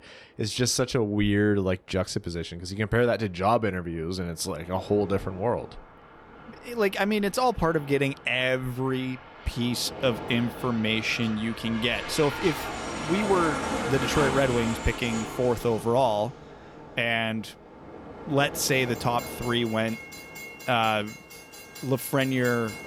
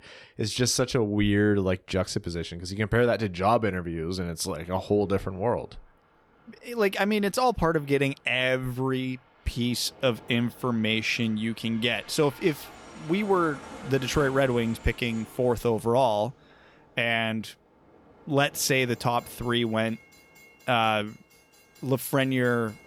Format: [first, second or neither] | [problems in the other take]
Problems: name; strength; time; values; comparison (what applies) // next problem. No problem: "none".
second | train or aircraft noise; loud; throughout; 9 dB below the speech; faint in the second